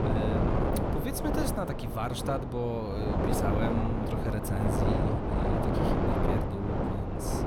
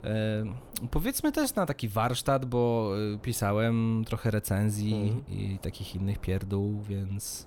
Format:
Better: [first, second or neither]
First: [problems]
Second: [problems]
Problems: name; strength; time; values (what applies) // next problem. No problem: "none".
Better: second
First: wind noise on the microphone; heavy; 5 dB above the speech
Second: wind noise on the microphone; occasional gusts; 25 dB below the speech